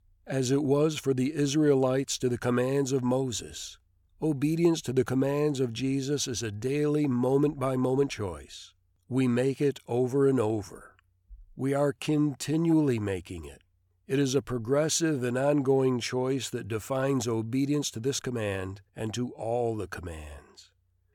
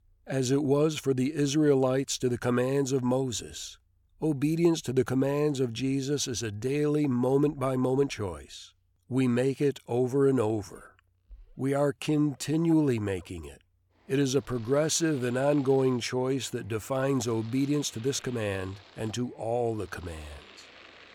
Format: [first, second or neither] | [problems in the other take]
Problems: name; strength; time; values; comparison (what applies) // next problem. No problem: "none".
first | household noises; faint; throughout; 25 dB below the speech